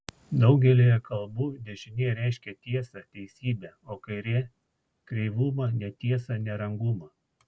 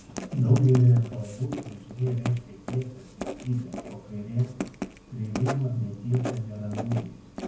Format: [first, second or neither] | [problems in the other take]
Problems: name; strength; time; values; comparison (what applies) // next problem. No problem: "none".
first | background sound (Writing); 11 dB below the speech // room echo; dies away in 0.9 s